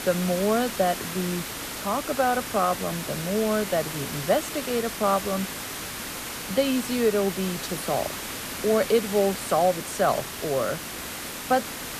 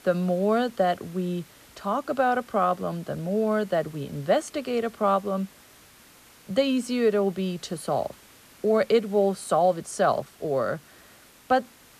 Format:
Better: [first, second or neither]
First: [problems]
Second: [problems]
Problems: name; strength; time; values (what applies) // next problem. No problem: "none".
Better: second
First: hiss; loud; throughout; 6 dB below the speech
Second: hiss; faint; throughout; 25 dB below the speech